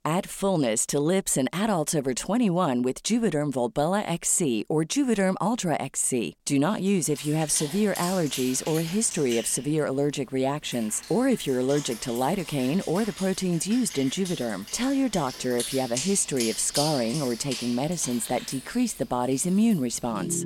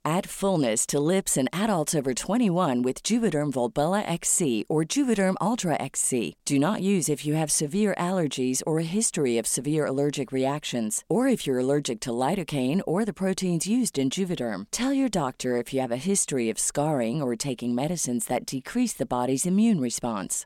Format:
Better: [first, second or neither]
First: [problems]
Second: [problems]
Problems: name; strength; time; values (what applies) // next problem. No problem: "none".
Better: second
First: background music; noticeable; from 7 s on; 10 dB below the speech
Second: none